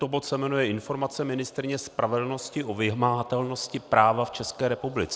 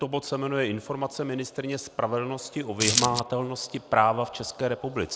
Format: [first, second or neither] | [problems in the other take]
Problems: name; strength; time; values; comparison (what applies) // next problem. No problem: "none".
first | background sound (Coin (dropping)); 3 dB above the speech